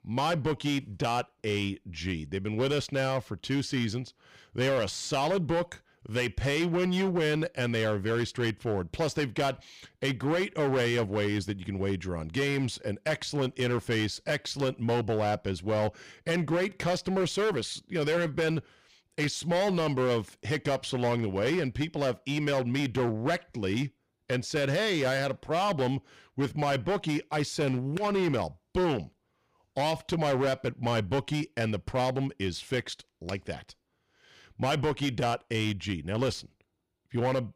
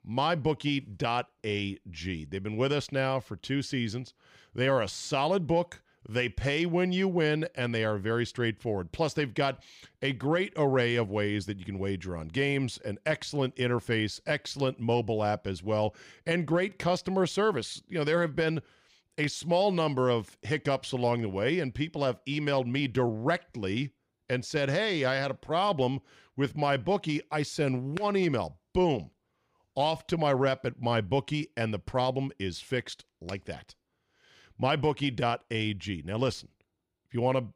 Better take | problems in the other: second | distortion; slight; 11% of the sound clipped

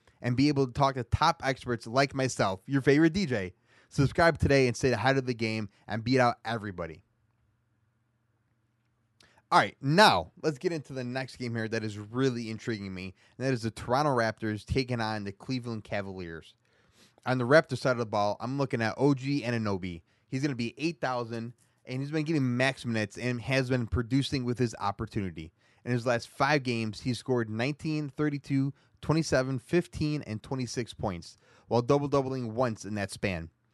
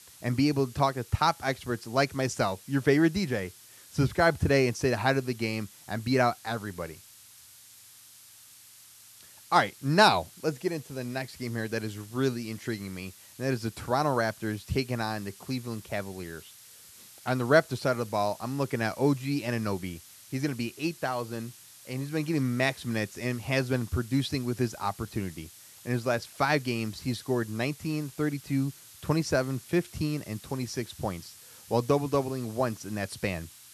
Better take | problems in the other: first | hiss; noticeable; throughout; 20 dB below the speech

